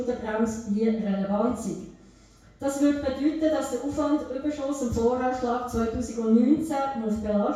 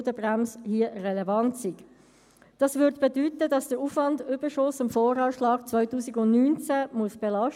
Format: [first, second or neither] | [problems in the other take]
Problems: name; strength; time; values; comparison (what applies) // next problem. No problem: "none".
second | room echo; dies away in 0.6 s